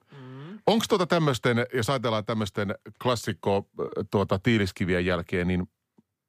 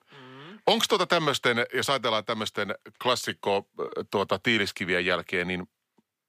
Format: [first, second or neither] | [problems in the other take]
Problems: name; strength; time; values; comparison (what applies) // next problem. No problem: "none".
first | thin; somewhat; fading below 1 kHz